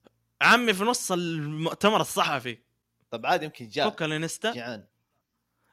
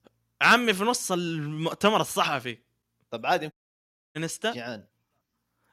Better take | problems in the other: first | audio cutting out; at 3.5 s for 0.5 s

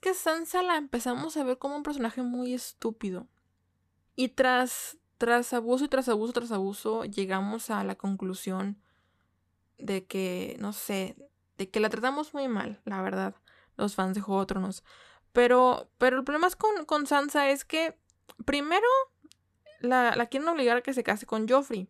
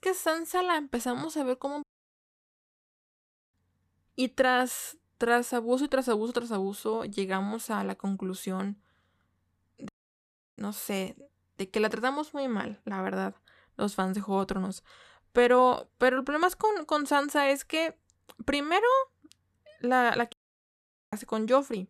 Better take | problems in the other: first | audio cutting out; at 2 s for 1.5 s, at 10 s for 0.5 s and at 20 s for 1 s

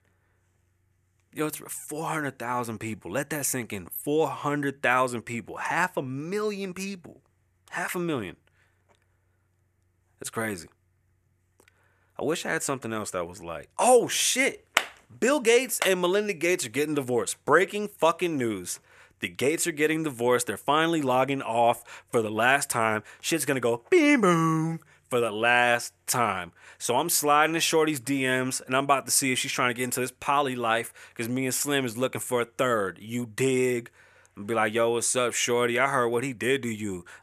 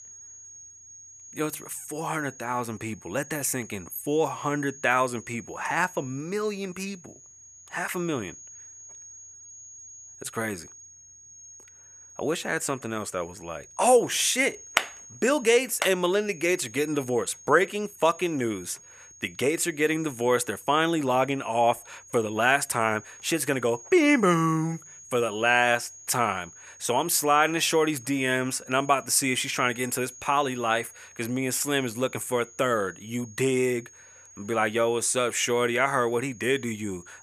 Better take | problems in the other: first | high-pitched whine; noticeable; throughout; 6.5 kHz, 20 dB below the speech

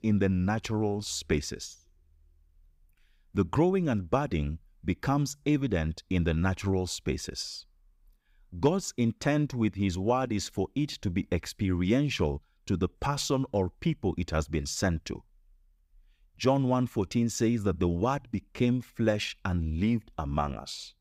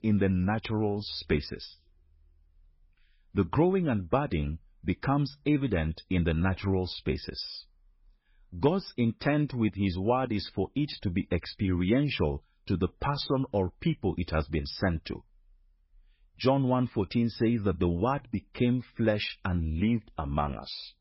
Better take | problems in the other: first | garbled, watery; badly; nothing above 5.5 kHz

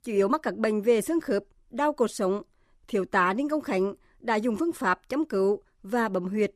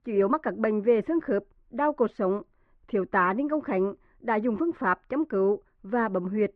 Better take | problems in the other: first | muffled; very; fading above 2 kHz

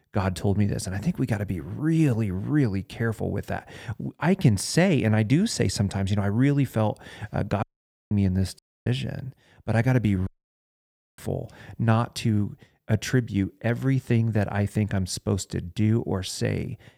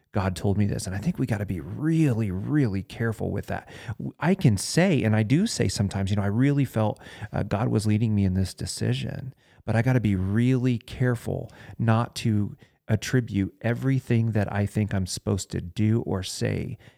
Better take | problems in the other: second | audio cutting out; at 7.5 s, at 8.5 s and at 10 s for 1 s

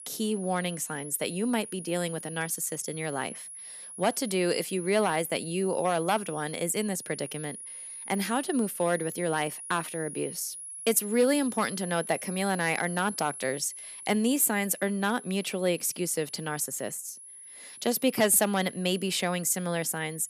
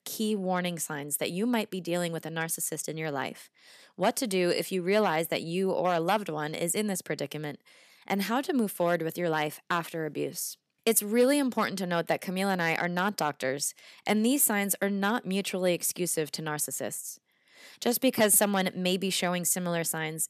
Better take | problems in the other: second | high-pitched whine; noticeable; throughout; 10.5 kHz, 10 dB below the speech

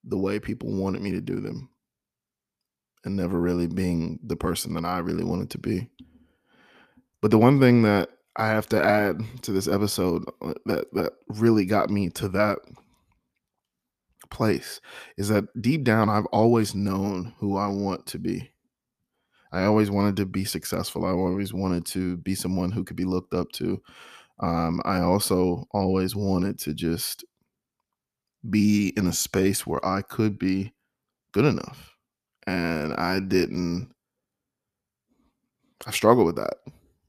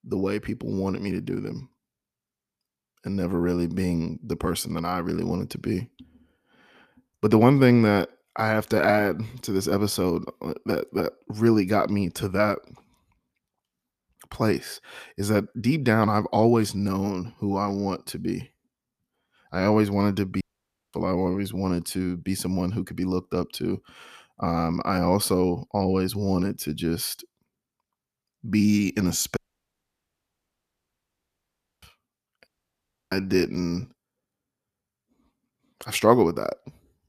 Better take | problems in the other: first | audio cutting out; at 20 s for 0.5 s, at 29 s for 2.5 s and at 32 s for 0.5 s

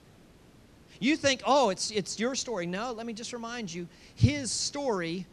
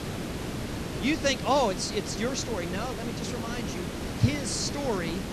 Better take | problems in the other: first | hiss; loud; throughout; 5 dB below the speech; faint in the first

